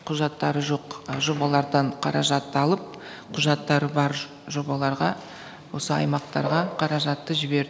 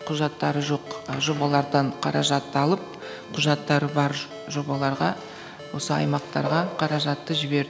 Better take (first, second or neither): first